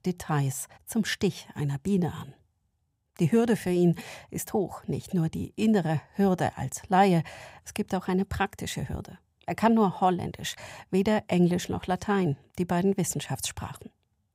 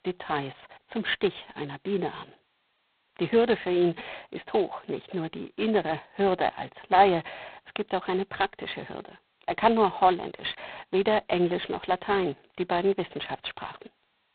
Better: first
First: none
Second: phone-call audio; poor line; nothing above 4 kHz

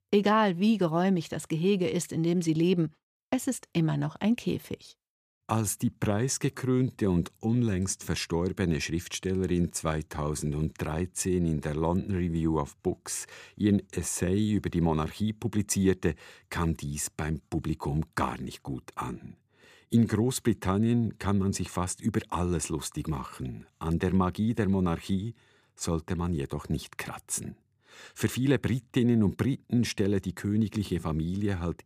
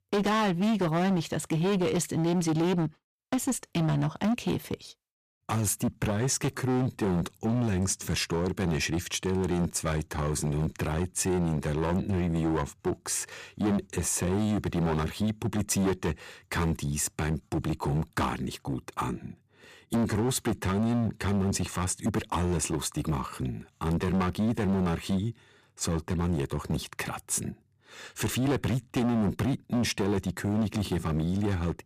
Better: first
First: none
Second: distortion; heavy; 15% of the sound clipped

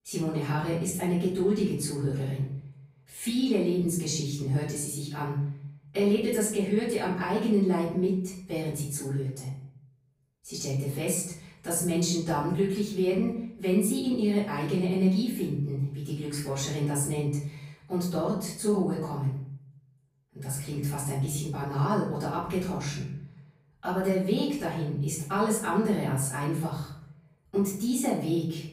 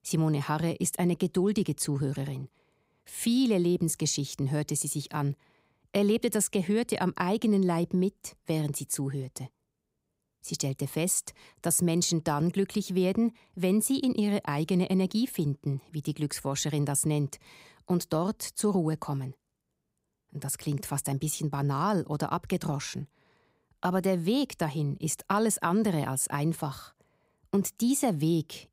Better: second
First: off-mic speech; far // room echo; noticeable; dies away in 0.6 s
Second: none

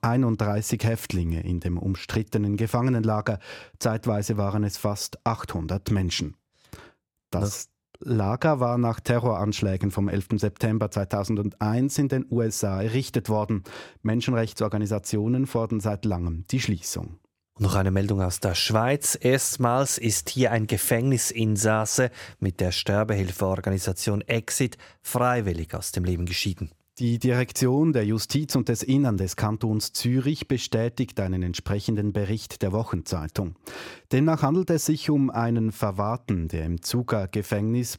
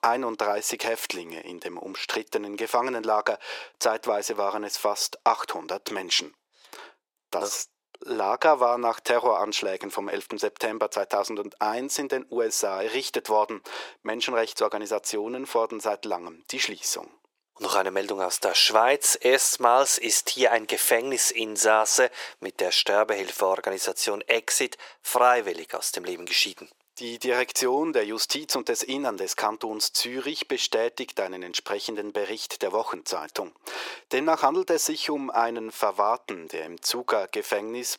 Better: first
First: none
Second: thin; very; fading below 400 Hz

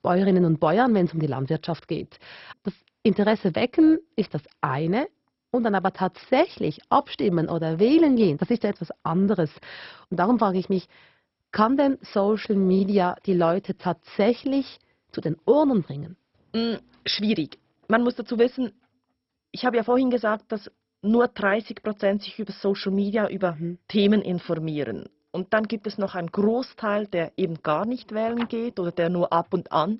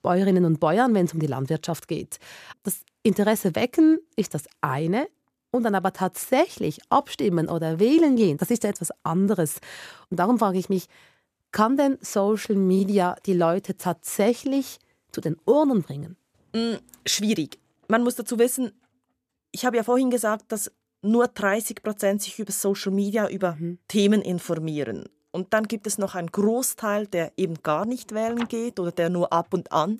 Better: second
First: garbled, watery; badly; nothing above 5.5 kHz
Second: none

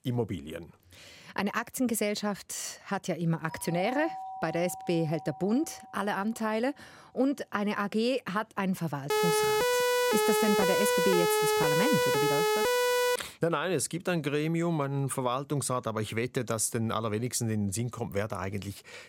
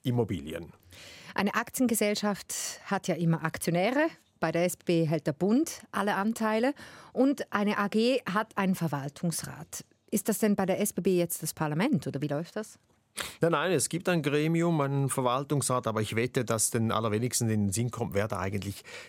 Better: second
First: doorbell; noticeable; from 3.5 to 6.5 s; peak 7 dB below the speech // siren; loud; from 9 to 13 s; peak 5 dB above the speech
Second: none

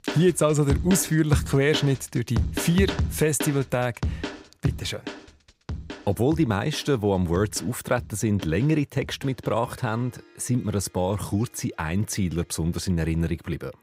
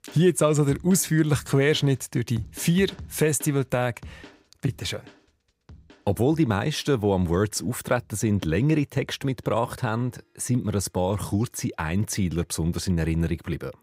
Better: second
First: background music; loud; throughout; 8 dB below the speech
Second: background music; faint; throughout; 20 dB below the speech

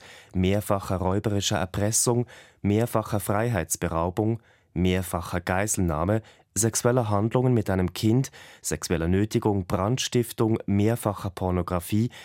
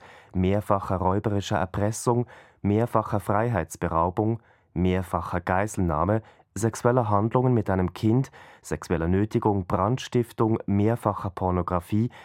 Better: first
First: none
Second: muffled; slightly; fading above 2.5 kHz

